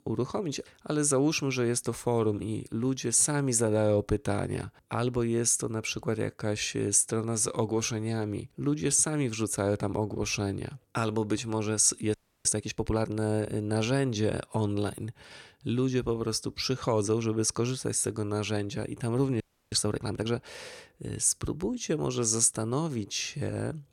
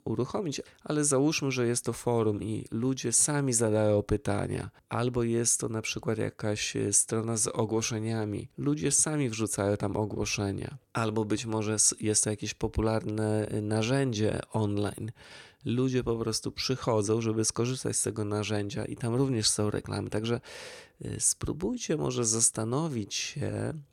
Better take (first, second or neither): second